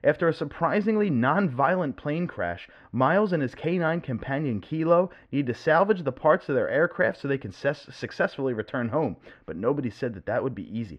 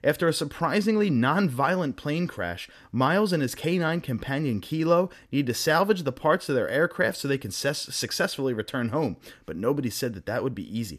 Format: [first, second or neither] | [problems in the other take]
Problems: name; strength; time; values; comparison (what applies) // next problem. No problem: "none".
second | muffled; very; fading above 2 kHz